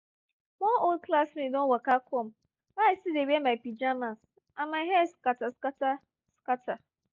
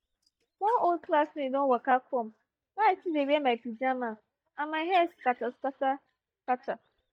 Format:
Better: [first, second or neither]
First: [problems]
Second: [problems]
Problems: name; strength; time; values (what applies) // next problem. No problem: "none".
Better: first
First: none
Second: noise reduction (neural mask model DeepFilterNet 3)